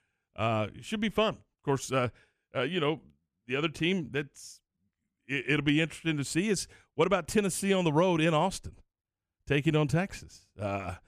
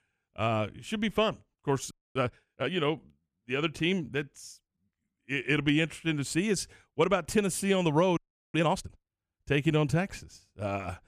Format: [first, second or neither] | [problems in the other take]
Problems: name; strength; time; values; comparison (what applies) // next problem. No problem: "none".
first | audio freezing; at 2 s and at 8 s